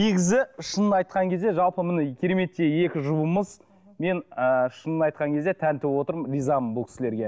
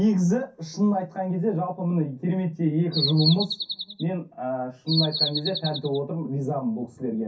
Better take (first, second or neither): first